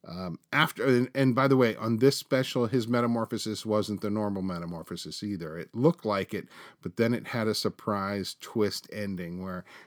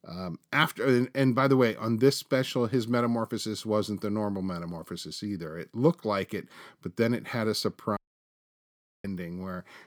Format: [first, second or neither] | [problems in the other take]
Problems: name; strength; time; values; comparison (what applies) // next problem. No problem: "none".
first | audio cutting out; at 8 s for 1 s